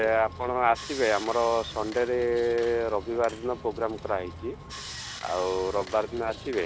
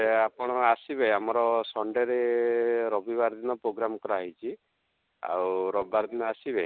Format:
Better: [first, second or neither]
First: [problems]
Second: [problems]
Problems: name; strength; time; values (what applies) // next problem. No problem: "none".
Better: second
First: background sound (Sawing); 14 dB below the speech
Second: none